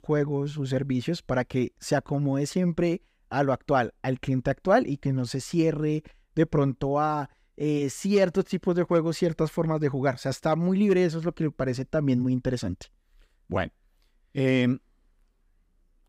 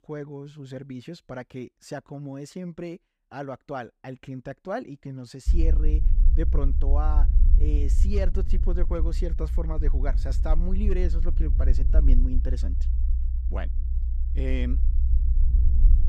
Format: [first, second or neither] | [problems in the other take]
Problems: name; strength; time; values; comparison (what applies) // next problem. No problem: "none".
first | low rumble; loud; from 5.5 s on; 9 dB below the speech